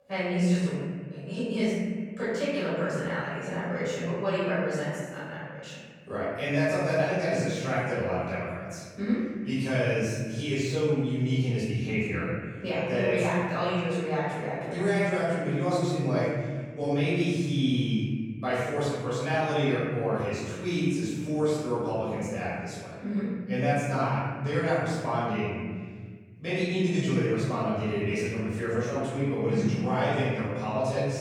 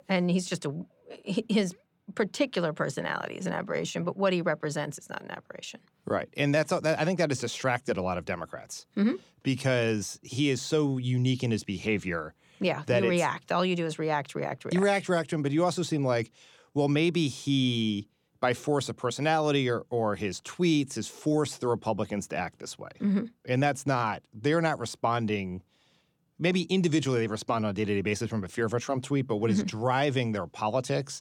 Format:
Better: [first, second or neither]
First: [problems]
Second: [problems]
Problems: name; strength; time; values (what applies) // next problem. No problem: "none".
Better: second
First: off-mic speech; far // room echo; strong; dies away in 1.9 s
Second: none